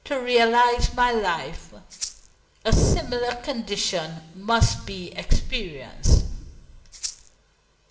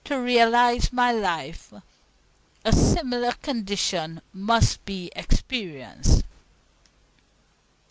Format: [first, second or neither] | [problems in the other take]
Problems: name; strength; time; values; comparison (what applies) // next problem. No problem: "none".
second | background sound (Rattle (instrument)); 12 dB below the speech // room echo; dies away in 0.9 s